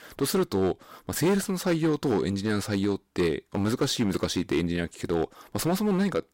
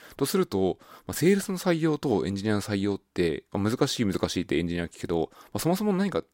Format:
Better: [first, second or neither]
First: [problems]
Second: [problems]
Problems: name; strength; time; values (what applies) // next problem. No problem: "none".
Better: second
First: distortion; slight; 6% of the sound clipped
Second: none